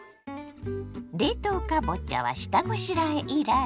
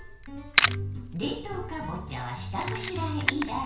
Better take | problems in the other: first | background sound (Camera); 1 dB above the speech // room echo; dies away in 0.5 s

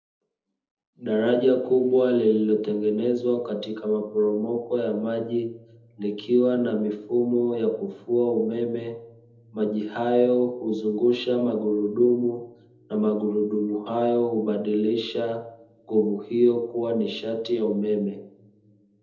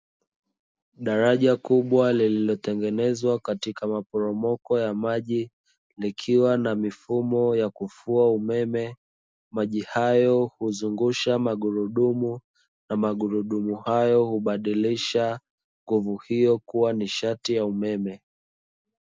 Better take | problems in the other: second | room echo; dies away in 0.8 s

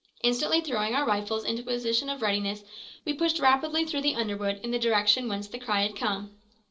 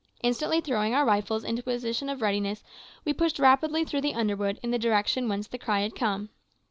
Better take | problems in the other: second | noise reduction (neural separator model SepFormer DNS4)

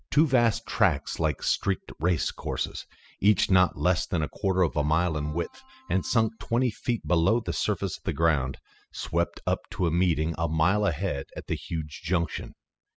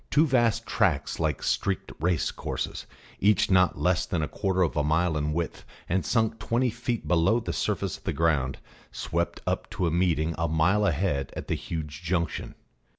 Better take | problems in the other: second | noise reduction (classical method spectral subtraction)

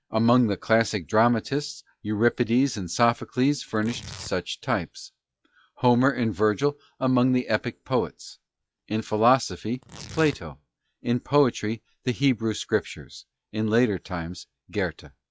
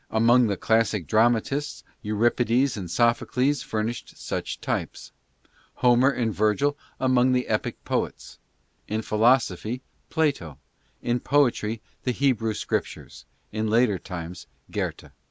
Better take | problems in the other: second | noise reduction (classical method log-MMSE)

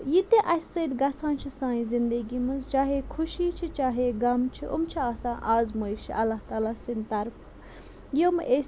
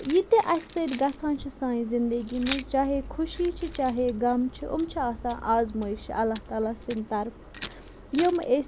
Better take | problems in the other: first | background sound (Keys jangling); 19 dB below the speech

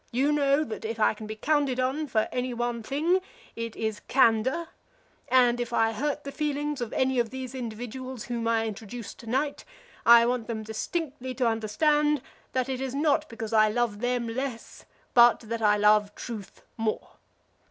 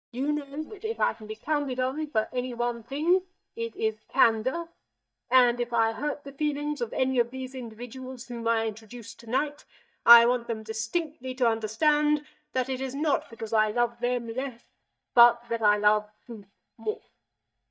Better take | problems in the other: first | noise reduction (neural mask model DeepFilterNet 3)

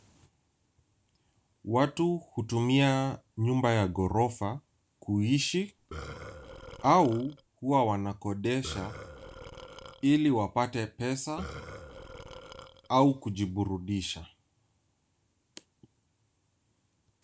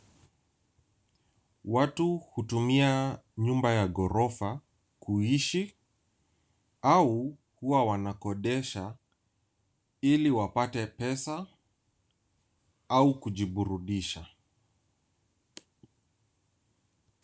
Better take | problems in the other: second | background sound (Burping, eructation); 14 dB below the speech

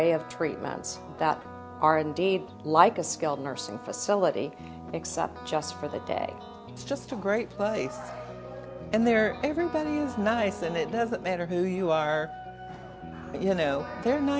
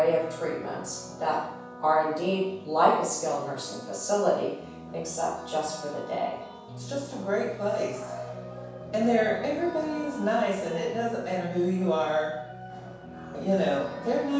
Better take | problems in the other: first | room echo; dies away in 0.7 s

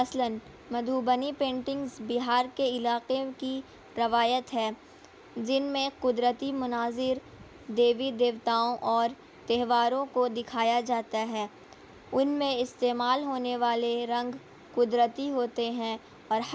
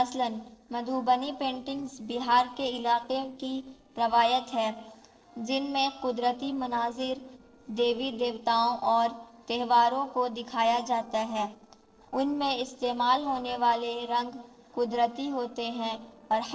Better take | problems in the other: first | noise reduction (neural separator model SepFormer DNS4)

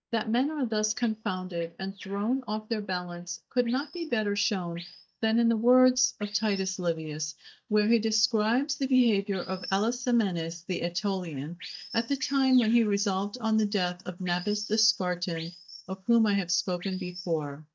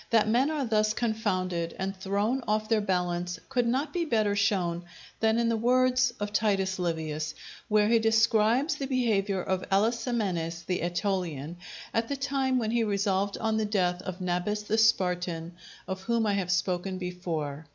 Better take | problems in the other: second | noise reduction (neural mask model DeepFilterNet 3)

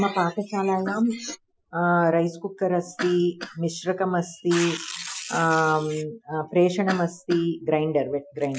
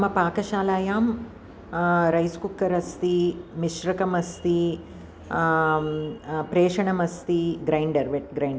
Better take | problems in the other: second | noise reduction (classical method Wiener filter)

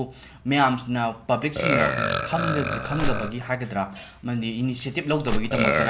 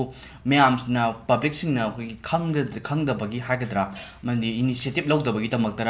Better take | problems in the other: second | background sound (Burping, eructation + Crushing); 1 dB below the speech

